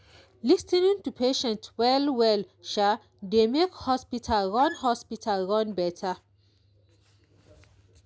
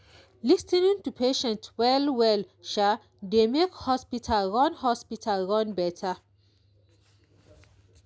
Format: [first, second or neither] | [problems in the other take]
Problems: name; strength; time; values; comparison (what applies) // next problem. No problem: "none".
second | background sound (Squeak); 16 dB below the speech